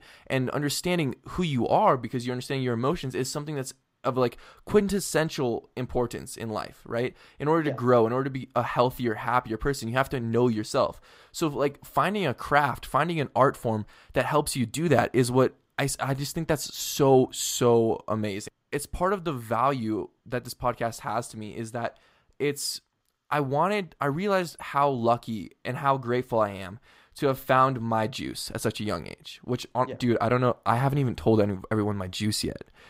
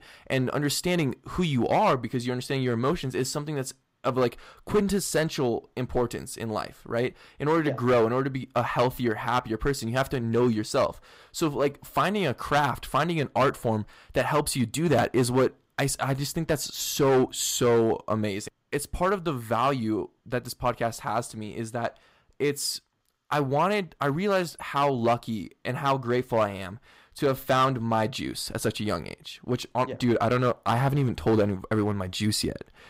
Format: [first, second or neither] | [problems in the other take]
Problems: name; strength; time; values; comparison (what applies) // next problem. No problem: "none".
first | distortion; slight; 3% of the sound clipped